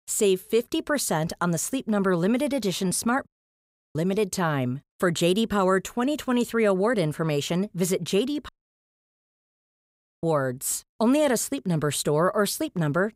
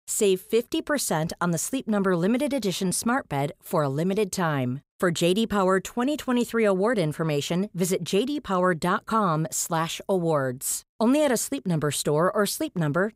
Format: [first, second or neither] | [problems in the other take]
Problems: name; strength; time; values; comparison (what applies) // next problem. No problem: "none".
second | audio cutting out; at 3.5 s for 0.5 s and at 8.5 s for 1.5 s